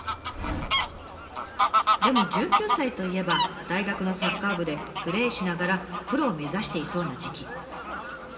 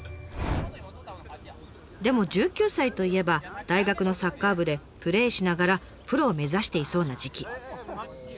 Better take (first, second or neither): second